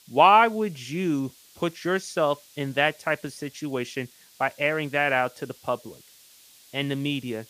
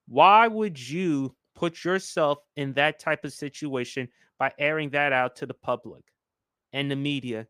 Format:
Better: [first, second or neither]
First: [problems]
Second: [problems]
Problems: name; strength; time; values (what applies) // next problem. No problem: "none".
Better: second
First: hiss; faint; throughout; 25 dB below the speech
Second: none